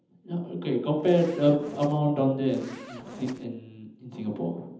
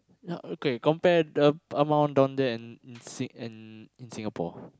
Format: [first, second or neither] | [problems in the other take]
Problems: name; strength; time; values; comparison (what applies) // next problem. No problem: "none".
second | background sound (Zipper (clothing)); 17 dB below the speech // room echo; dies away in 0.8 s